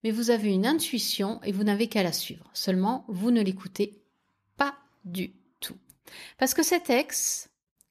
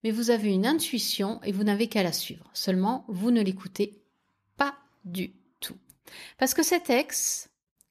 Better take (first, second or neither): neither